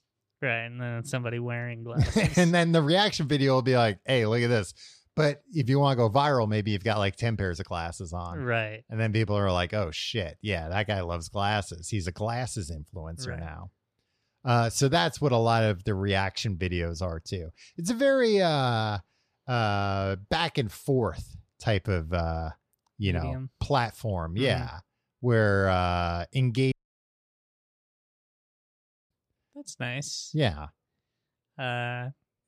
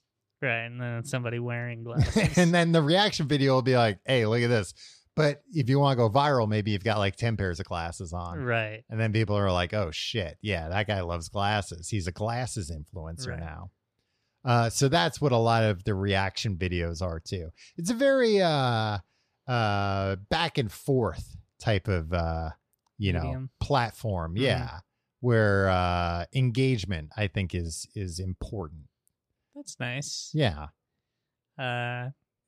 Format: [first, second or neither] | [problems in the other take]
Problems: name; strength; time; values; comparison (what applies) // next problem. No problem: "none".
second | audio cutting out; at 27 s for 2.5 s